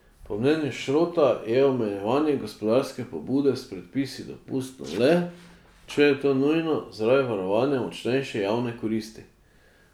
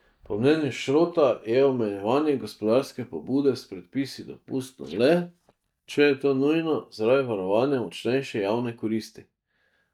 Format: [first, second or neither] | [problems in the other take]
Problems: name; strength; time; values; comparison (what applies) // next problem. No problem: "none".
first | noise reduction (neural mask model DeepFilterNet 3)